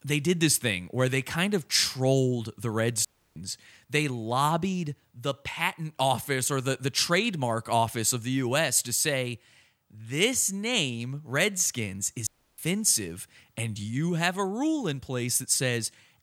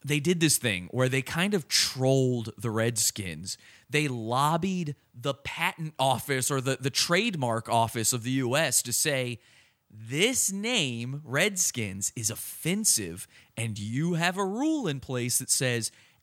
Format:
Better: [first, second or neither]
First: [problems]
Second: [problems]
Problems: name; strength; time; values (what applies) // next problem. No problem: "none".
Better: second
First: audio cutting out; at 3 s and at 12 s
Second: none